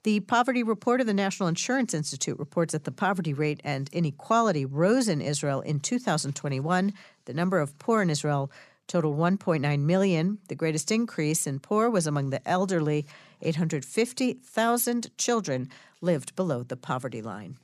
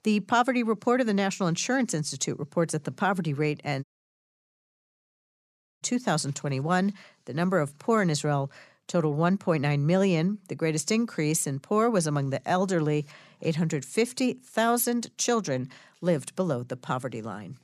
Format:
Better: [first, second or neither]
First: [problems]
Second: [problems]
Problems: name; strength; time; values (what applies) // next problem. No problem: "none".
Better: first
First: none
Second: audio cutting out; at 4 s for 2 s